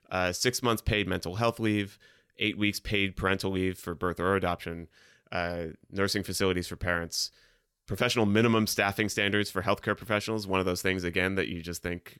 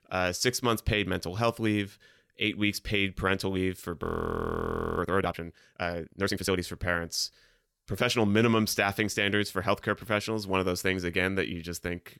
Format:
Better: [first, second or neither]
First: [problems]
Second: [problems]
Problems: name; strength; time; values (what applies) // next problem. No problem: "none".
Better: first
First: none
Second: audio freezing; at 4 s for 1 s